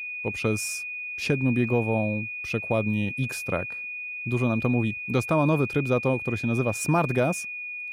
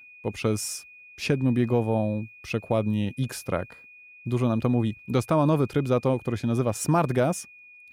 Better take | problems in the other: second | high-pitched whine; loud; throughout; 2.5 kHz, 5 dB below the speech; faint in the second

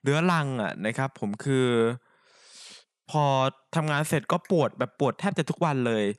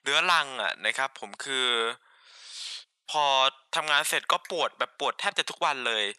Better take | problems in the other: first | thin; very; fading below 900 Hz

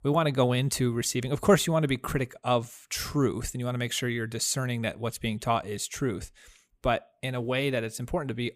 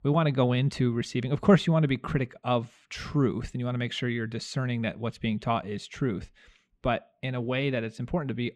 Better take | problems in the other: first | muffled; slightly; fading above 3 kHz

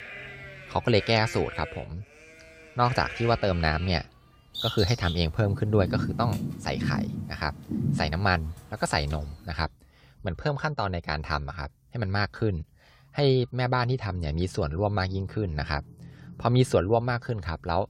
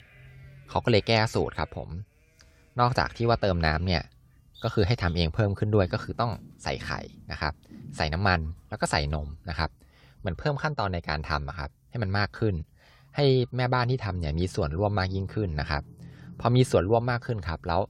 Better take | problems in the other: second | animal sounds; loud; until 9.5 s; 7 dB below the speech; faint in the second

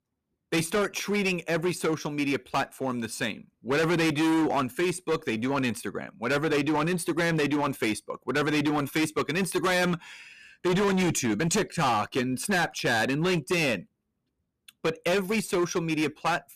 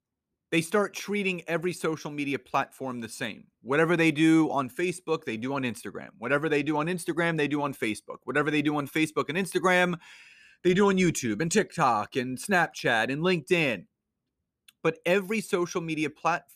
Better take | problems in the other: second | distortion; heavy; 16% of the sound clipped

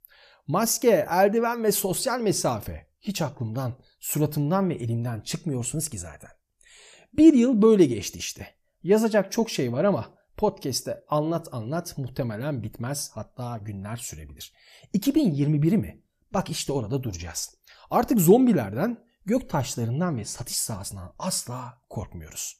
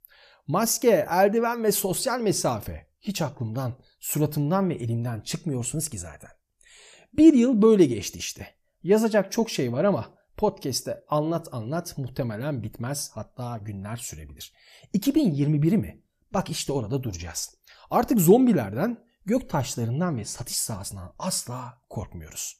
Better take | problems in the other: neither | none

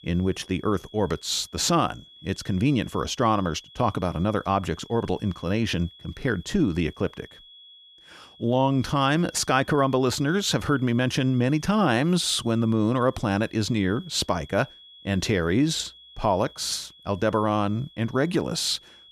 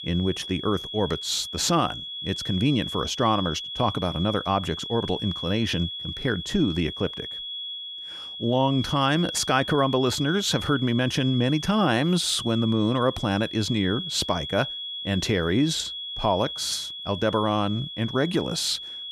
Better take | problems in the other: first | high-pitched whine; loud; throughout; 3.5 kHz, 7 dB below the speech; faint in the first

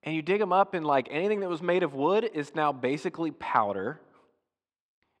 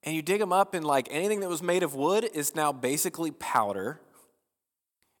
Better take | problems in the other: second | muffled; very; fading above 3.5 kHz

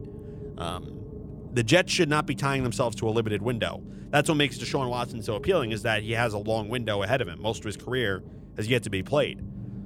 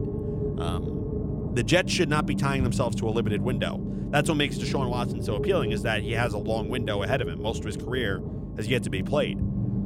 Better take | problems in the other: first | low rumble; loud; throughout; 9 dB below the speech; faint in the first

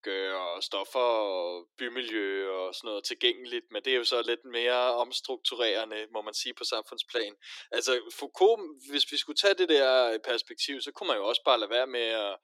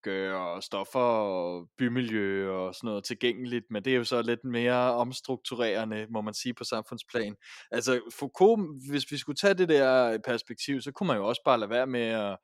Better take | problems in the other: second | thin; somewhat; fading below 300 Hz

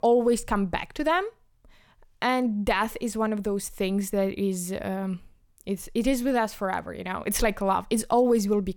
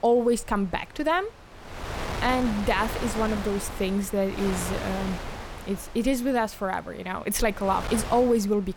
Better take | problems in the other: first | wind noise on the microphone; heavy; 8 dB below the speech

